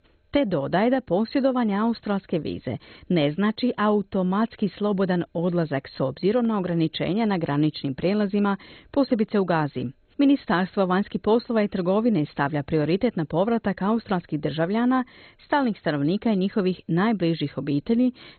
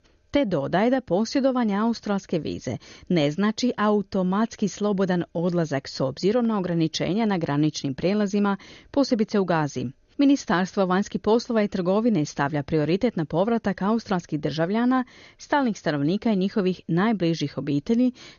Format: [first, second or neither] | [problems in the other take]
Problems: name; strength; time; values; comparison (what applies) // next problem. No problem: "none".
second | garbled, watery; badly; nothing above 4 kHz; slightly in the second